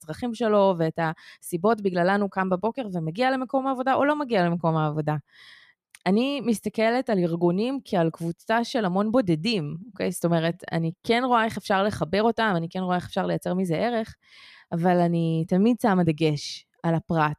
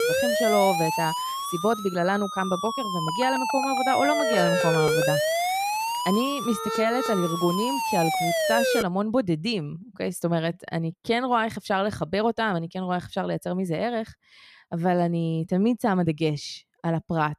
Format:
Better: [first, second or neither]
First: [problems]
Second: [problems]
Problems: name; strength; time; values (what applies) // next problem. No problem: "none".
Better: first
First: none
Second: siren; loud; until 9 s; peak 4 dB above the speech